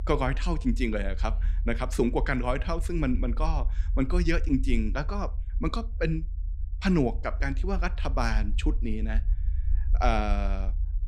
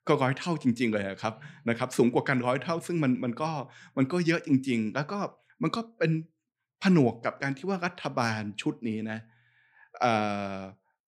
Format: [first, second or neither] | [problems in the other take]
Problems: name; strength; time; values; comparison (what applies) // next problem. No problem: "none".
second | low rumble; faint; throughout; 20 dB below the speech